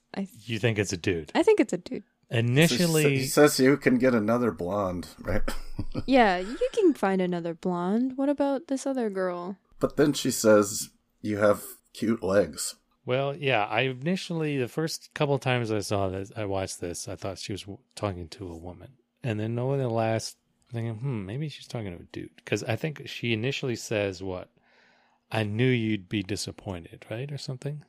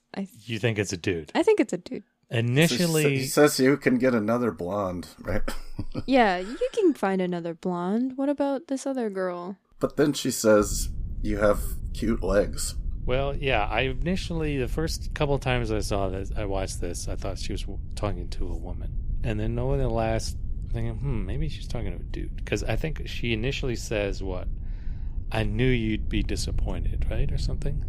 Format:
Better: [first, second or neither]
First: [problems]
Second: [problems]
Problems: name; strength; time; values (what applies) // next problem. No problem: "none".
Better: first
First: none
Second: low rumble; faint; from 11 s on; 25 dB below the speech